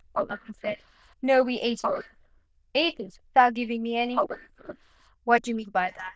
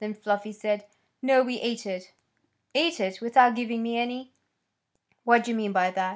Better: second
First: noise reduction (neural diffusion model UNIVERSE++)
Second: none

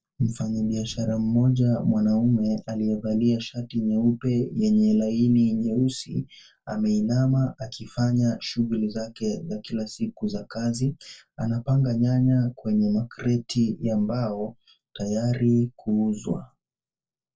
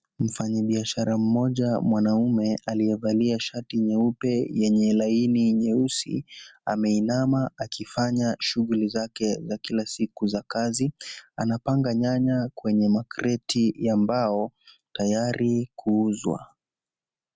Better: second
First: noise reduction (neural separator model SepFormer DNS4)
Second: none

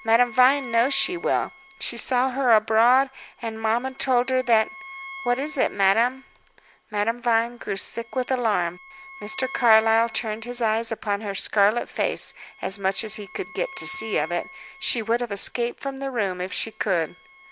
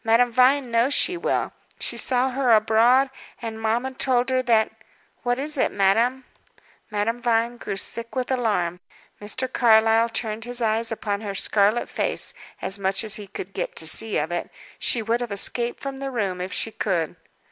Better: second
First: background sound (Bowed string instrument); 19 dB below the speech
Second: none

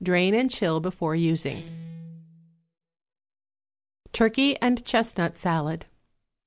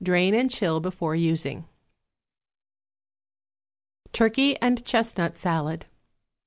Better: second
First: background sound (Guitar); 19 dB below the speech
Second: none

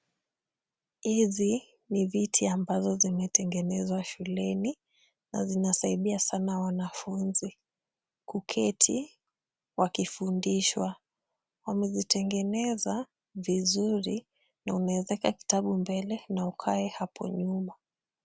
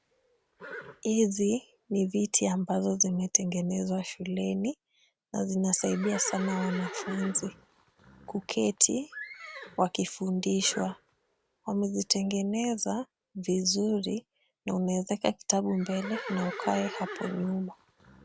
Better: first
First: none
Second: background sound (Livestock, farm animals, working animals); 15 dB below the speech

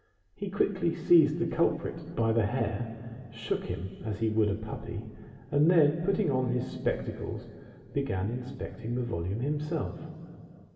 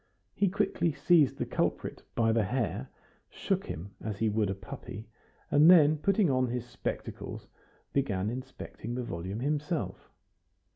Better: second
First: room echo; dies away in 2.4 s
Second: none

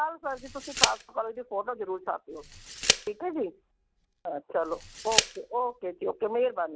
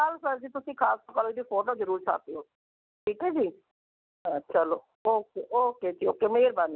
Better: second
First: background sound (Tick); 1 dB below the speech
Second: none

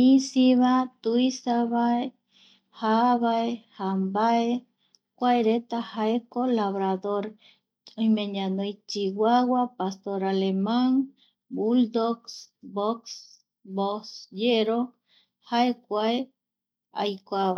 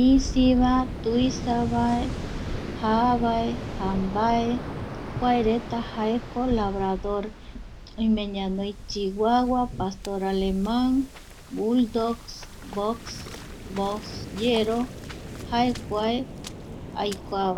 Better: first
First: none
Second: background sound (Waves, surf); 9 dB below the speech

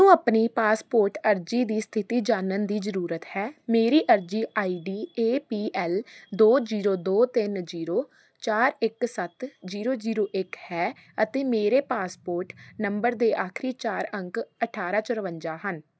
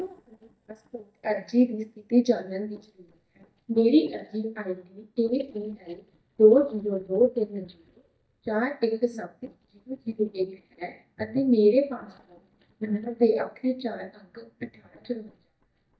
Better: first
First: none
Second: noise reduction (neural mask model DeepFilterNet 3)

